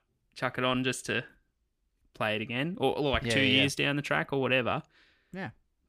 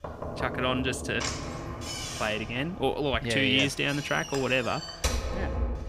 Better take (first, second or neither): first